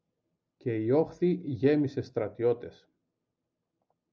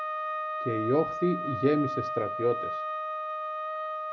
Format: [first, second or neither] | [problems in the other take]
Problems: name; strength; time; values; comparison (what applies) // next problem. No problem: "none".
first | background sound (Wind instrument, woodwind instrument); 2 dB below the speech